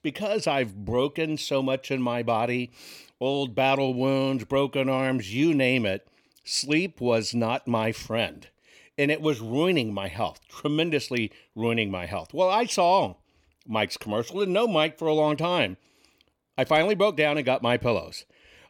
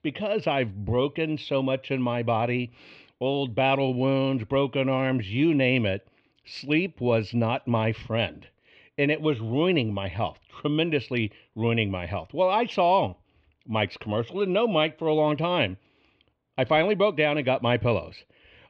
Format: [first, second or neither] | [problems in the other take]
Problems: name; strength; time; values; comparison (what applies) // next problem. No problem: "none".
first | muffled; slightly; fading above 3 kHz